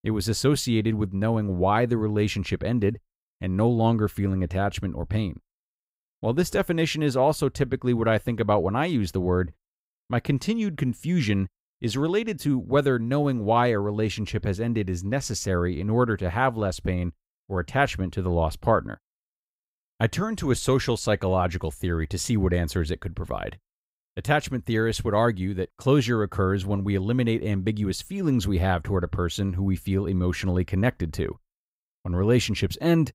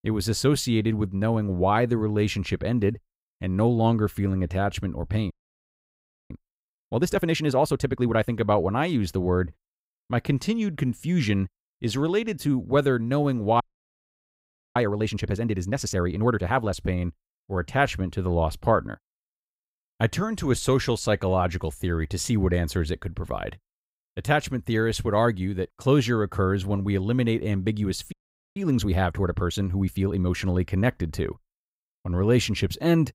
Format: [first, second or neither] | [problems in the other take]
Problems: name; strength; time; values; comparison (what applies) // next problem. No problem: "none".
first | audio freezing; at 5.5 s for 1 s, at 14 s for 1 s and at 28 s